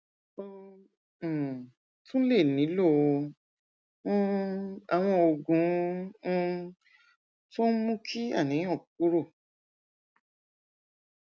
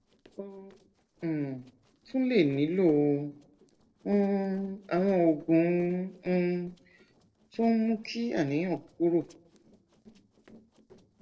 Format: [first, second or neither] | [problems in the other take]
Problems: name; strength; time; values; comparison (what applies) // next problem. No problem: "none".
first | noise reduction (neural separator model SepFormer DNS4)